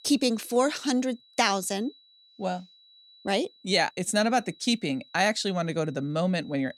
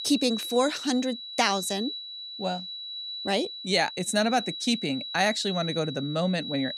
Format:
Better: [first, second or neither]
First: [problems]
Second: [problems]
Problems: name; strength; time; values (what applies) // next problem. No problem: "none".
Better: first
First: high-pitched whine; faint; throughout; 4 kHz, 25 dB below the speech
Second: high-pitched whine; loud; throughout; 4 kHz, 7 dB below the speech